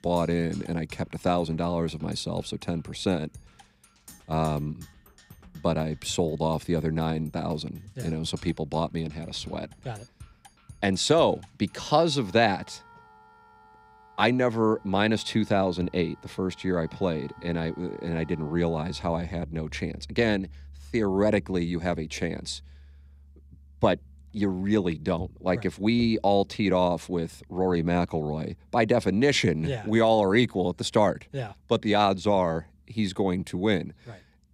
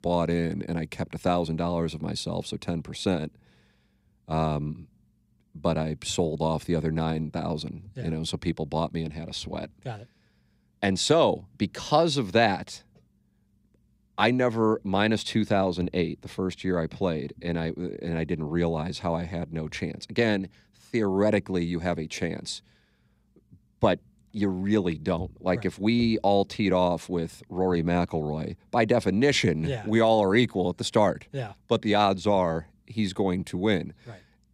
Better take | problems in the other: second | background music; faint; throughout; 25 dB below the speech

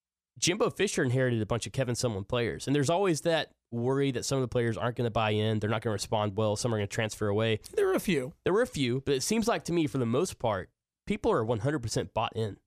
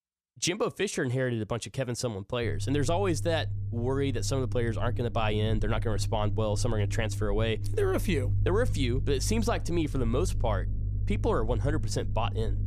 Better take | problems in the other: first | low rumble; noticeable; from 2.5 s on; 15 dB below the speech

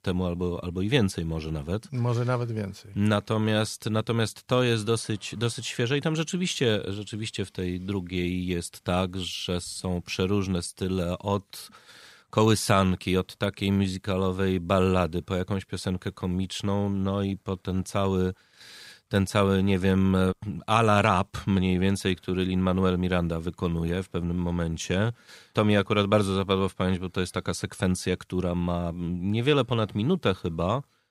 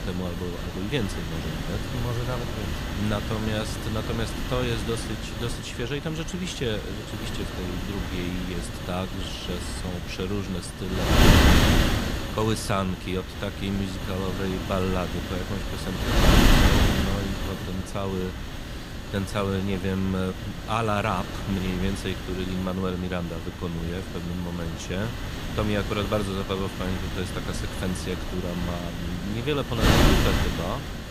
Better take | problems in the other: first | wind noise on the microphone; heavy; 2 dB above the speech

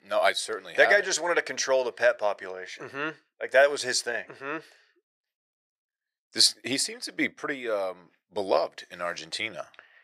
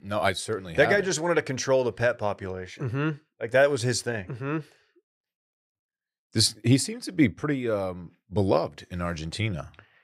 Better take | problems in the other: second | thin; very; fading below 500 Hz

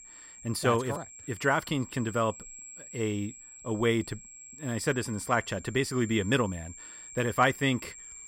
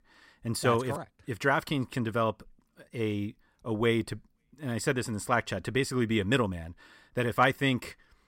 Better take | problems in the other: second | high-pitched whine; noticeable; throughout; 7.5 kHz, 15 dB below the speech

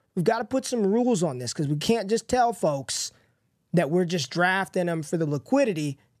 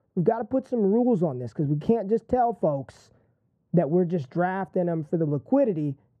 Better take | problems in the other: first | muffled; very; fading above 2 kHz

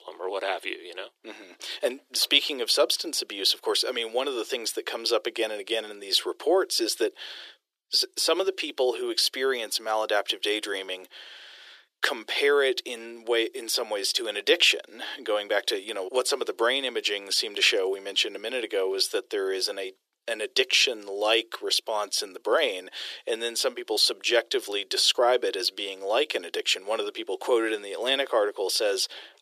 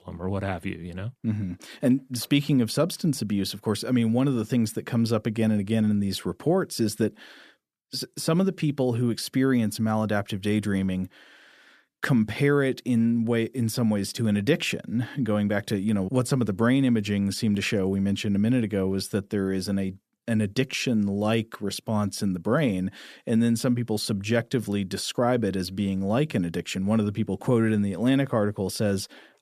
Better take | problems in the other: second | thin; very; fading below 350 Hz

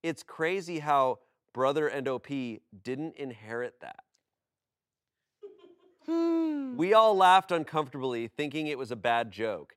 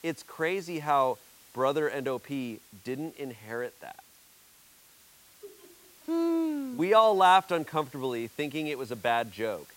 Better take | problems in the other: first | hiss; faint; throughout; 25 dB below the speech

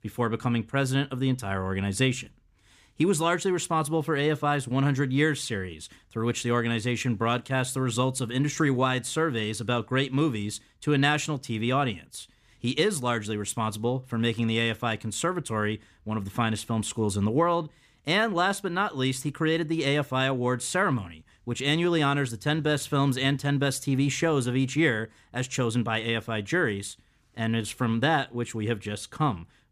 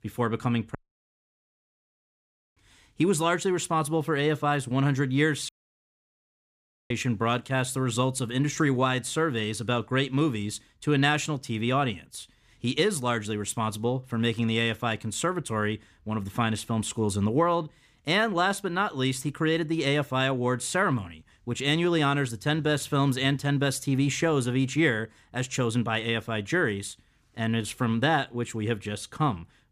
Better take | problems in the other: first | audio cutting out; at 1 s for 2 s and at 5.5 s for 1.5 s

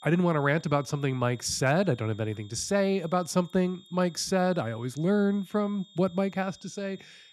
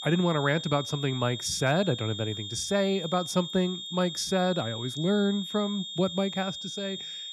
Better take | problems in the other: first | high-pitched whine; loud; throughout; 3.5 kHz, 7 dB below the speech; faint in the first

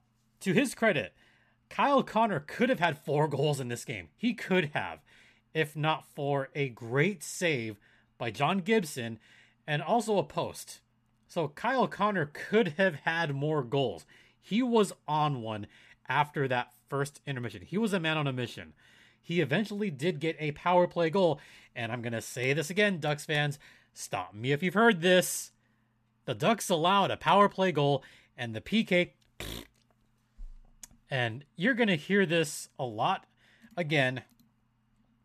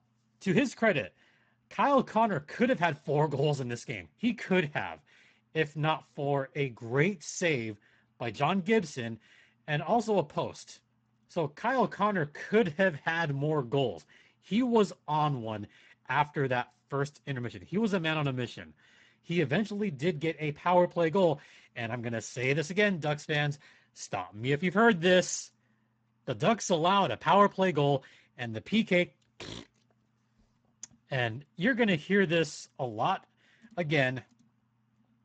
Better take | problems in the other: first | garbled, watery; badly; nothing above 7.5 kHz

